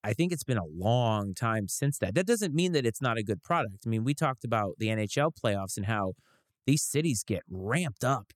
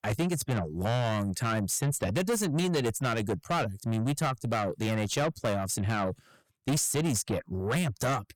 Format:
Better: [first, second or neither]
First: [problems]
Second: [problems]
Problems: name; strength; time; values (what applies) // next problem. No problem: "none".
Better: first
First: none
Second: distortion; heavy; 7 dB below the speech